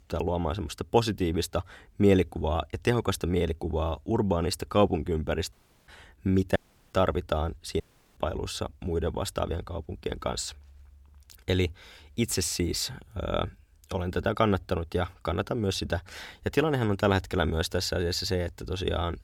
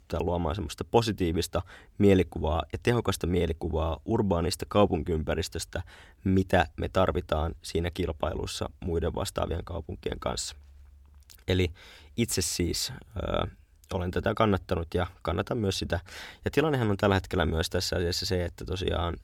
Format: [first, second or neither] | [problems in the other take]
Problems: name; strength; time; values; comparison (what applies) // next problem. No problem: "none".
second | audio cutting out; at 5.5 s, at 6.5 s and at 8 s